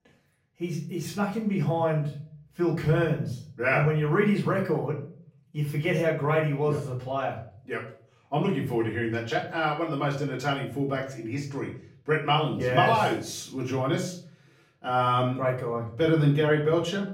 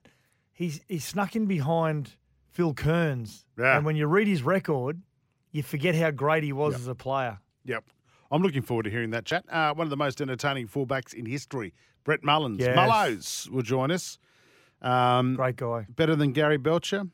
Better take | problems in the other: second | off-mic speech; far // room echo; slight; dies away in 0.5 s

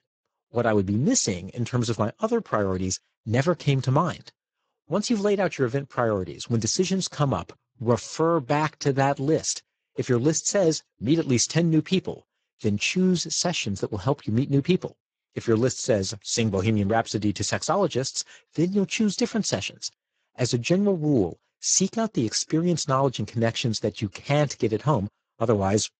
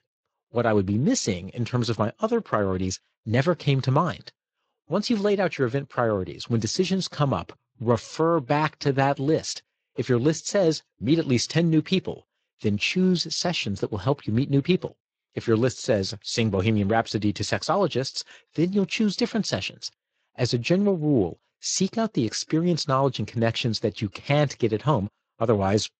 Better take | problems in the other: second | garbled, watery; badly; nothing above 7.5 kHz; slightly in the second

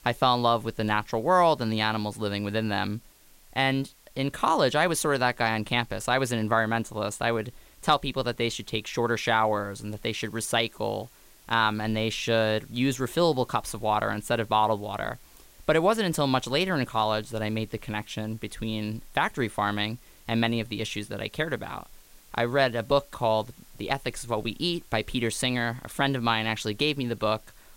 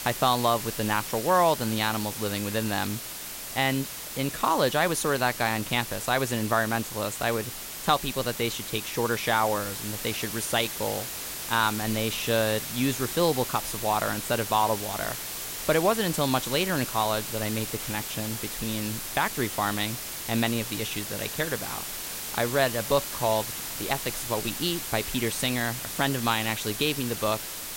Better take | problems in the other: first | hiss; loud; throughout; 5 dB below the speech; faint in the first

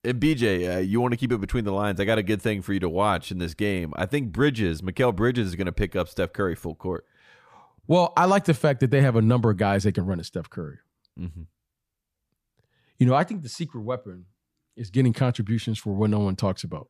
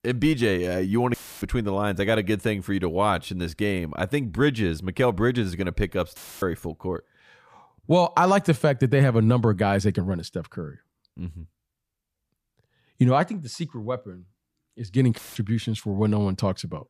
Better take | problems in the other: first | audio cutting out; filled with static; at 1 s, at 6 s and at 15 s

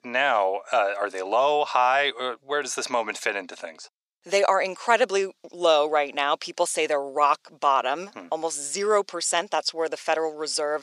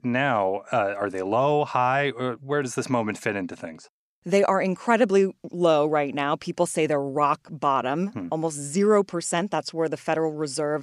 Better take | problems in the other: second | thin; very; fading below 600 Hz

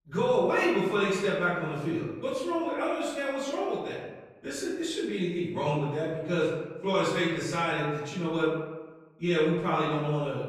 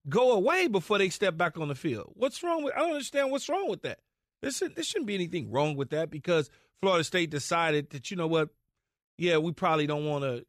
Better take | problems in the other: second | off-mic speech; far // room echo; noticeable; dies away in 1.1 s

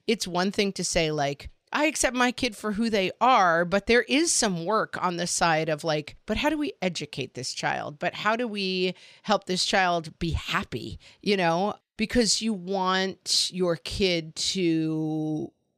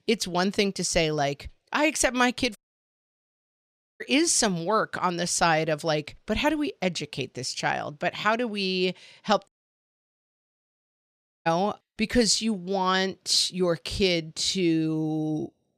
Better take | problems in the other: first | audio cutting out; at 2.5 s for 1.5 s and at 9.5 s for 2 s

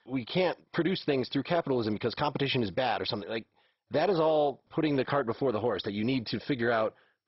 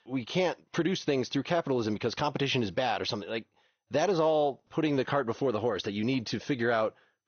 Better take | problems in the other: second | garbled, watery; badly; nothing above 5.5 kHz; slightly in the second

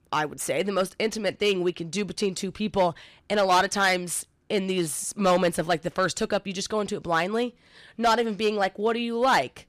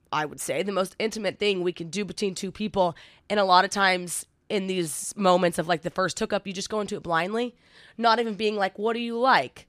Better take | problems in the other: second | distortion; slight; 3% of the sound clipped

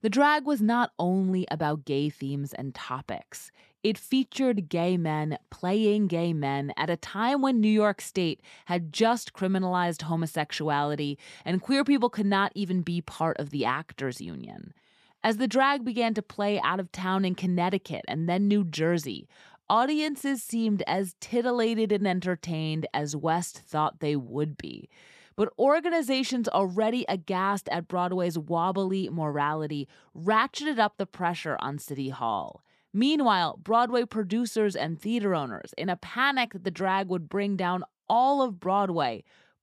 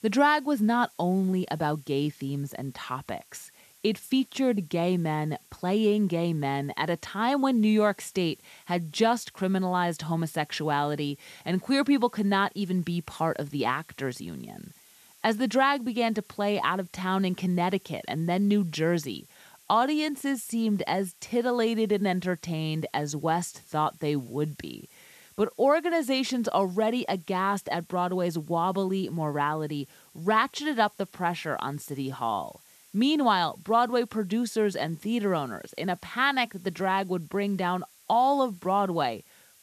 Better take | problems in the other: first | hiss; faint; throughout; 25 dB below the speech

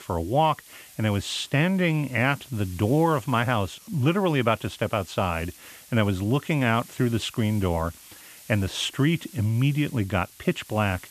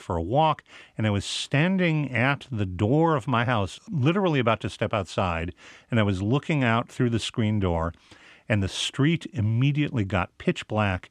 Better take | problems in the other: second | hiss; faint; throughout; 20 dB below the speech

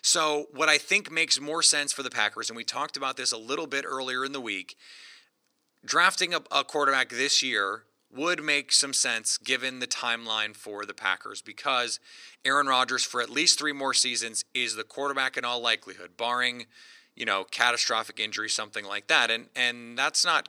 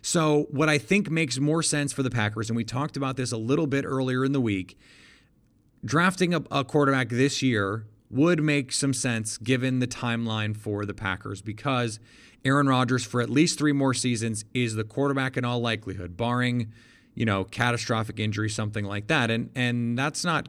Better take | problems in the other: second | thin; very; fading below 700 Hz

